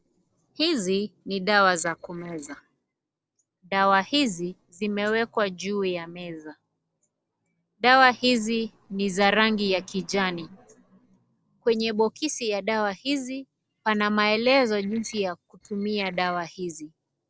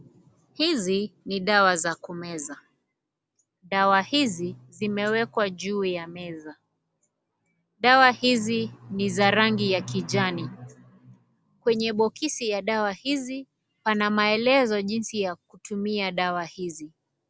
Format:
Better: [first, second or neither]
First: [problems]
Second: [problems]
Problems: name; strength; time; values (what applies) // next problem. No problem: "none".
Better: second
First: noise reduction (neural separator model SepFormer DNS4)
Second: none